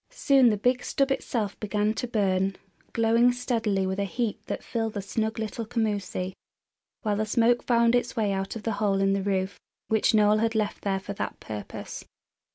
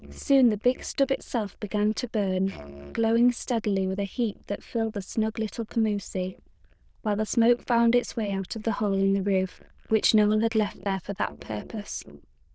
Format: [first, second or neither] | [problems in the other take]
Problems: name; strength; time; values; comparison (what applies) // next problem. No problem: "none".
first | noise reduction (neural diffusion model UNIVERSE++)